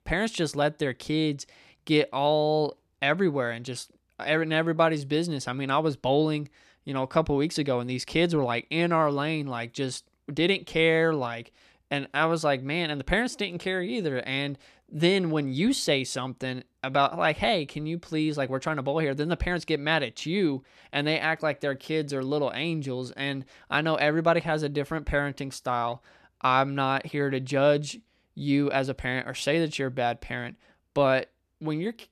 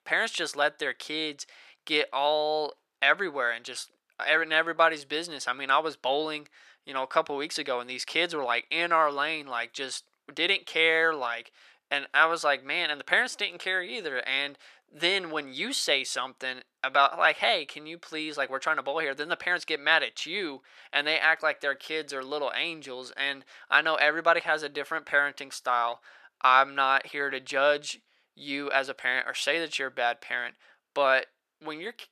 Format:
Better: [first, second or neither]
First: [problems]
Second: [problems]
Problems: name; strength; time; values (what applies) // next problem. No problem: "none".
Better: first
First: none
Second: thin; very; fading below 600 Hz